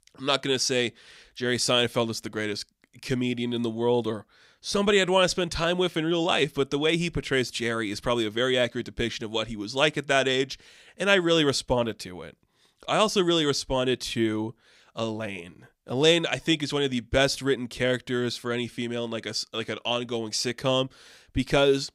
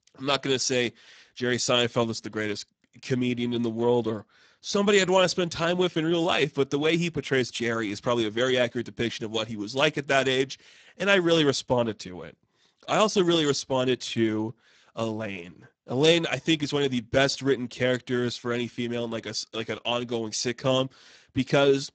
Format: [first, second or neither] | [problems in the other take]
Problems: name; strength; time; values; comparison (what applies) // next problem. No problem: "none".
first | garbled, watery; badly; nothing above 7.5 kHz